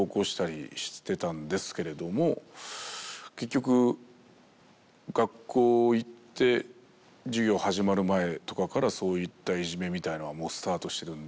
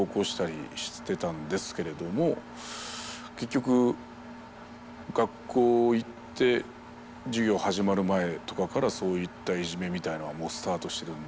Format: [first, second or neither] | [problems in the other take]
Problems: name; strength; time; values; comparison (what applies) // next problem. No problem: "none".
first | background sound (Engine); 16 dB below the speech